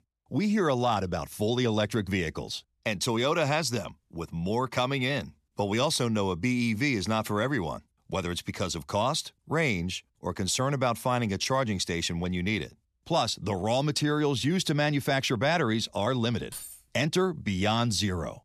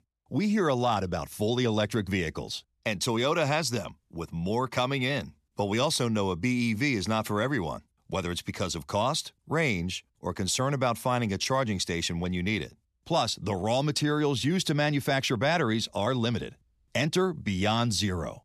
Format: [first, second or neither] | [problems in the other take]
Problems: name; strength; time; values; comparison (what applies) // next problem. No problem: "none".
second | jangling keys; faint; at 17 s; peak 10 dB below the speech